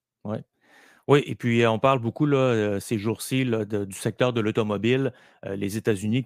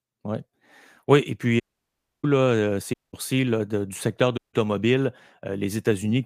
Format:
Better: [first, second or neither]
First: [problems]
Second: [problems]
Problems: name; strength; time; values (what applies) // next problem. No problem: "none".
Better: first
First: none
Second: audio cutting out; at 1.5 s for 0.5 s, at 3 s and at 4.5 s